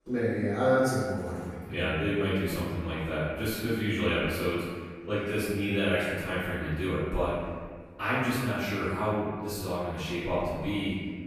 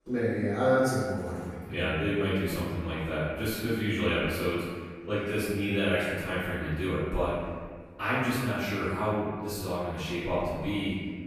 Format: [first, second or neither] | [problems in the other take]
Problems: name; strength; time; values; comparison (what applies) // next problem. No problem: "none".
neither | off-mic speech; far; the same in both // room echo; strong; dies away in 1.6 s; the same in both